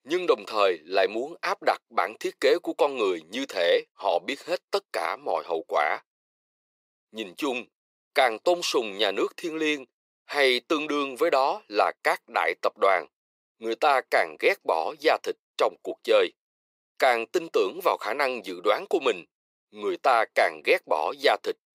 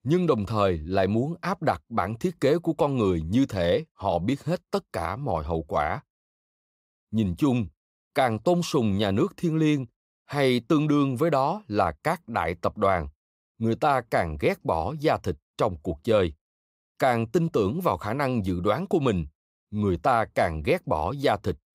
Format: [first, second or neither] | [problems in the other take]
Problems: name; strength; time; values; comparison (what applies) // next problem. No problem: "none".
second | thin; very; fading below 400 Hz